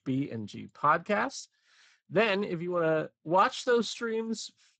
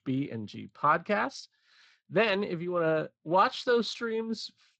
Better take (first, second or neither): second